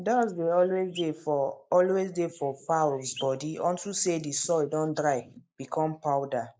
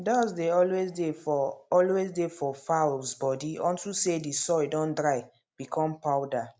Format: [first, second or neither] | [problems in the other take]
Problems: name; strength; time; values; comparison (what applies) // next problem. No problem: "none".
second | noise reduction (neural mask model Resemble Enhance denoiser)